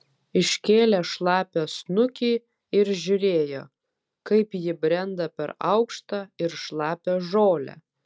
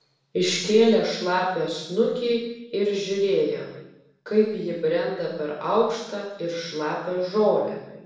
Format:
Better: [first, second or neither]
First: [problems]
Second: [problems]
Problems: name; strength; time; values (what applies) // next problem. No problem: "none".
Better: first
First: none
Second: room echo; dies away in 0.9 s